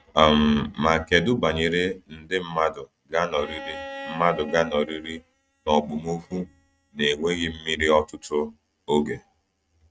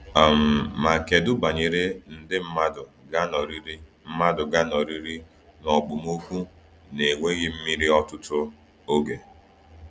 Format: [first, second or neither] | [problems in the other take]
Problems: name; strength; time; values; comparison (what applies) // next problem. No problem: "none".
second | noise reduction (neural mask model RNNoise)